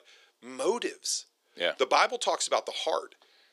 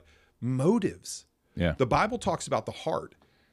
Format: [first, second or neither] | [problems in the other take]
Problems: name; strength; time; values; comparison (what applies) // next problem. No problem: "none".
second | thin; very; fading below 400 Hz